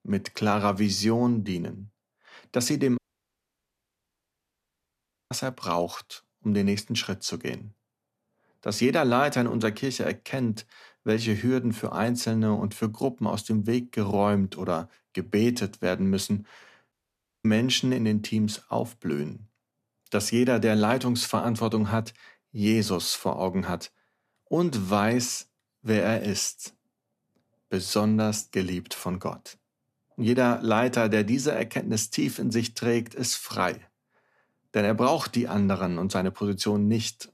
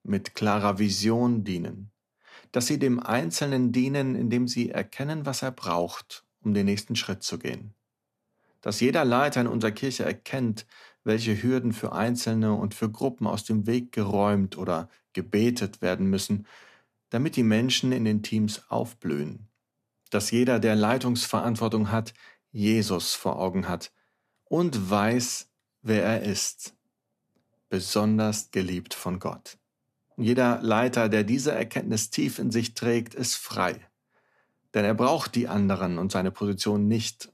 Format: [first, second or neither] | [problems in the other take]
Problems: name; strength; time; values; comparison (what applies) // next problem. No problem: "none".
second | audio cutting out; at 3 s for 2.5 s and at 17 s for 0.5 s